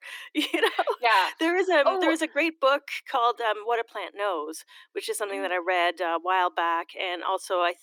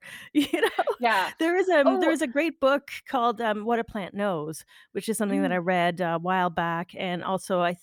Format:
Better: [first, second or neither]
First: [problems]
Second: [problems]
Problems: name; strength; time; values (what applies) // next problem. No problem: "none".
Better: second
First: thin; very; fading below 300 Hz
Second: none